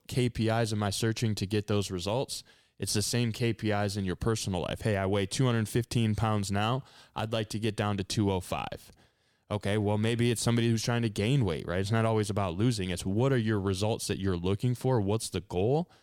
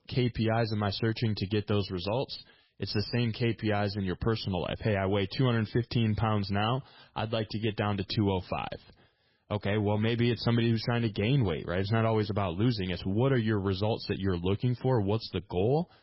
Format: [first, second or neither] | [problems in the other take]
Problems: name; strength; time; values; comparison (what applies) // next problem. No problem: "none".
first | garbled, watery; badly; nothing above 5.5 kHz